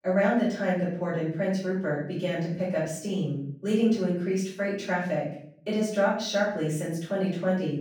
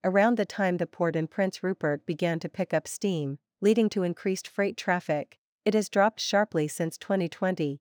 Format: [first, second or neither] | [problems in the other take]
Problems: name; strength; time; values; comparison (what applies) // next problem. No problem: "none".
second | off-mic speech; far // room echo; noticeable; dies away in 0.6 s